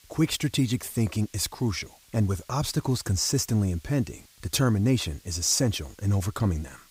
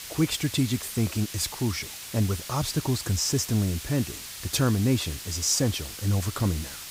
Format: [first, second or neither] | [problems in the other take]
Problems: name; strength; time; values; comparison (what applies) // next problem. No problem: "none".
first | hiss; loud; throughout; 10 dB below the speech; faint in the first